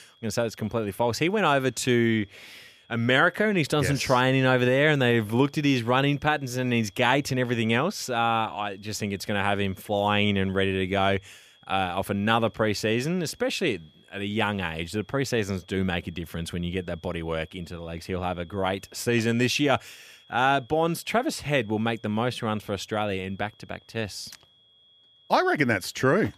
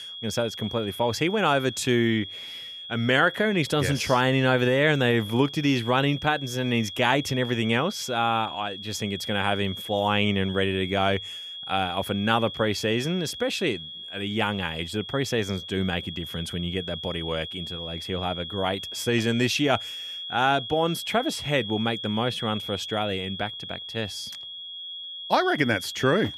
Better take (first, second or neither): first